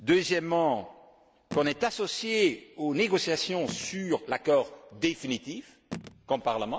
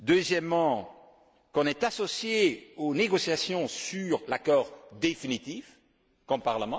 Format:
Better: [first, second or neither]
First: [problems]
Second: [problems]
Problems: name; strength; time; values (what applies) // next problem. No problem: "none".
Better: second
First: background sound (Telephone); 16 dB below the speech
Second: none